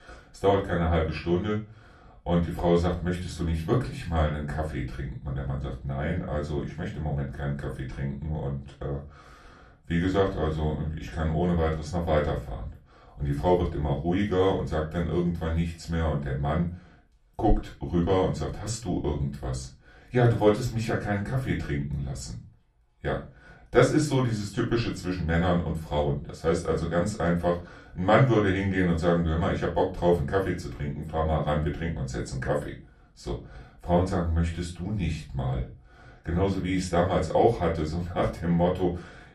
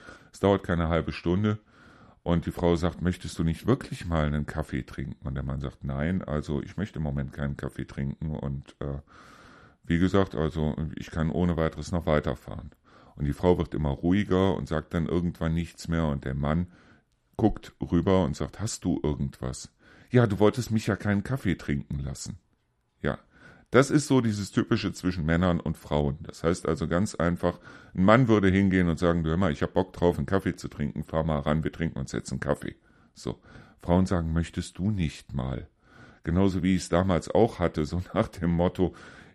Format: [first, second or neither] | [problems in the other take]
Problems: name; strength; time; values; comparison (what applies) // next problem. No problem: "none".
second | off-mic speech; far // room echo; very slight; dies away in 0.2 s